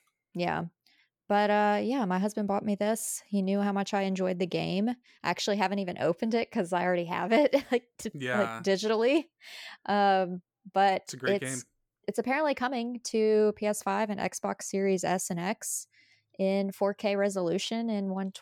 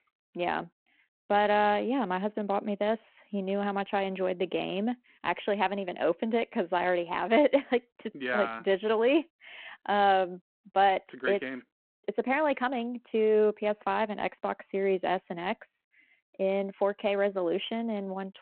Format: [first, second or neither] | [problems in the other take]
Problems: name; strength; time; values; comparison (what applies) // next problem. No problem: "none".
first | phone-call audio